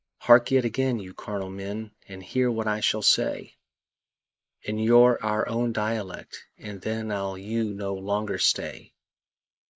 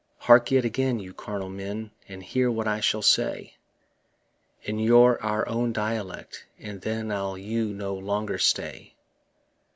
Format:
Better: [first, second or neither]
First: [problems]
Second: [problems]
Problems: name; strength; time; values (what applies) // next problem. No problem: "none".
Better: second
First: noise reduction (neural mask model Resemble Enhance denoiser)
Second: none